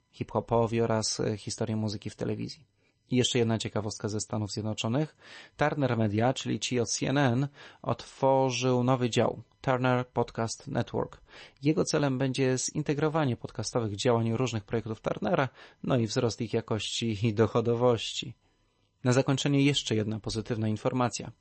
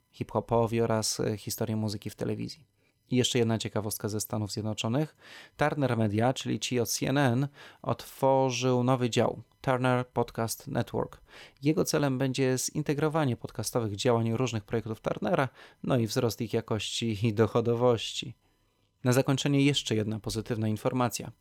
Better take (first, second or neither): second